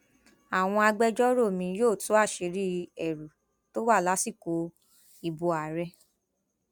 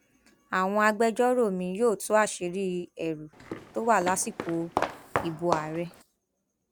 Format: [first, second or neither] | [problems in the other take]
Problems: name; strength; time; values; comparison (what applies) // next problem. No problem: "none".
first | background sound (Walk, footsteps); 6 dB below the speech